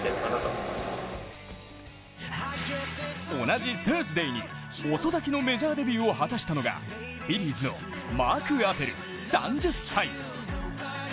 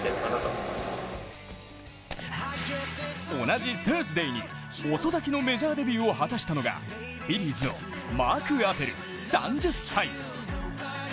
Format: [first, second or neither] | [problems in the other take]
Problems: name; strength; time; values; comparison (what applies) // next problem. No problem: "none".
first | background sound (Shatter); 18 dB below the speech